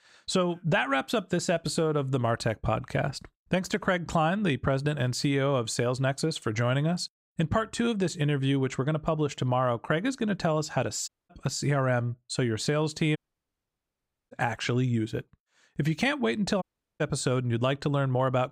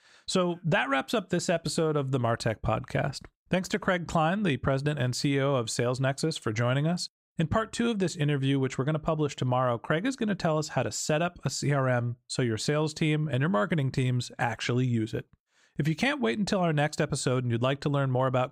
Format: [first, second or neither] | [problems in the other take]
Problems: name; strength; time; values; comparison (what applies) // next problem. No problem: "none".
second | audio cutting out; at 11 s, at 13 s for 1 s and at 17 s